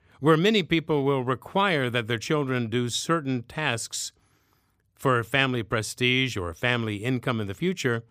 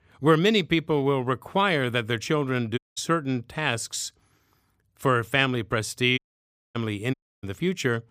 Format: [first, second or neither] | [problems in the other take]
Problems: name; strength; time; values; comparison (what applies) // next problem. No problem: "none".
first | audio cutting out; at 3 s, at 6 s for 0.5 s and at 7 s